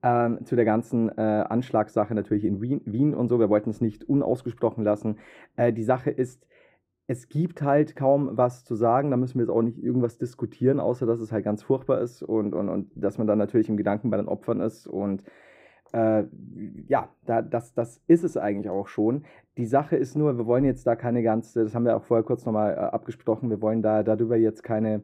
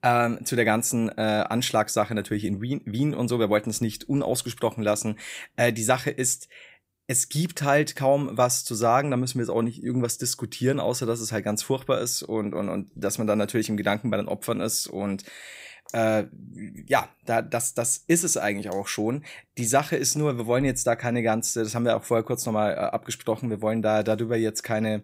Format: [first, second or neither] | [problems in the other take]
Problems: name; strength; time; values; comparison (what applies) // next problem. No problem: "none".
second | muffled; very; fading above 2.5 kHz